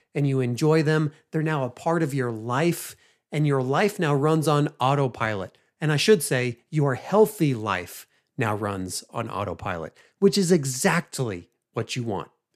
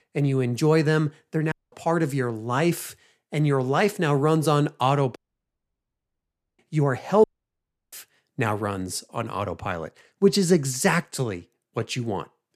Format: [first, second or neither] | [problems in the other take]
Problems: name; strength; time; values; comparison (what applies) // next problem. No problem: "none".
first | audio cutting out; at 1.5 s, at 5 s for 1.5 s and at 7 s for 0.5 s